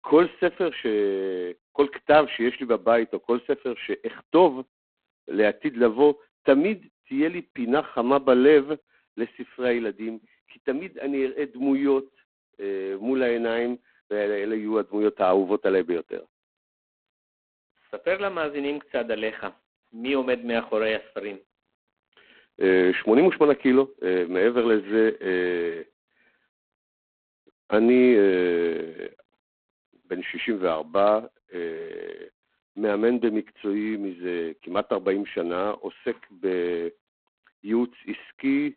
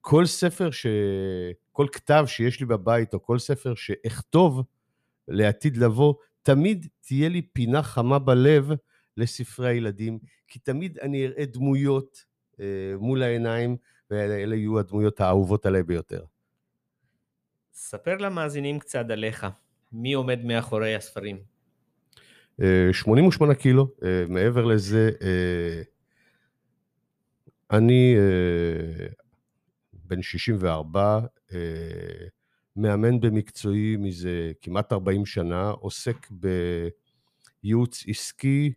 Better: second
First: phone-call audio; poor line; nothing above 4 kHz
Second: none

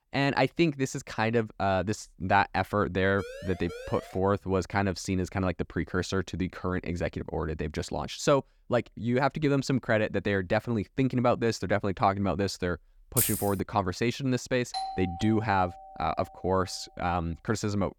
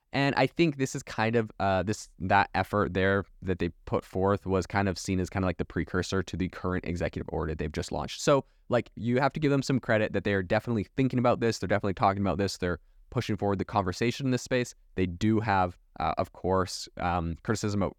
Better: second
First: siren; faint; from 3 to 4 s; peak 15 dB below the speech // jangling keys; loud; at 13 s; peak 2 dB above the speech // doorbell; noticeable; from 15 to 16 s; peak 6 dB below the speech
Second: none

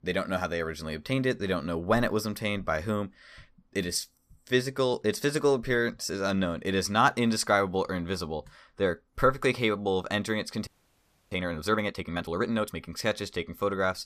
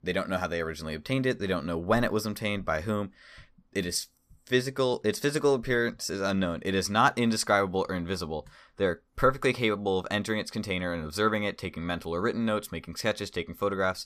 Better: second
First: audio freezing; at 11 s for 0.5 s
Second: none

